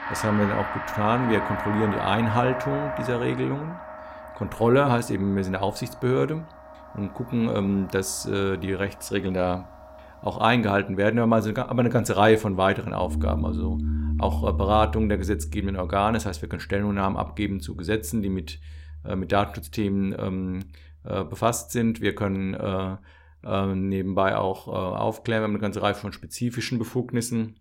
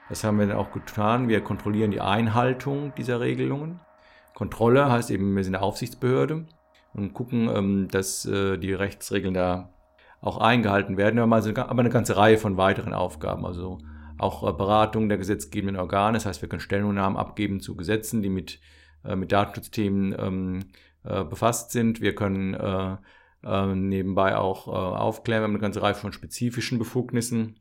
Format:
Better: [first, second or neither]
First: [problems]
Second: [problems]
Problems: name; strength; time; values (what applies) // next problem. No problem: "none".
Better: second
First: background music; loud; throughout; 8 dB below the speech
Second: background music; faint; throughout; 25 dB below the speech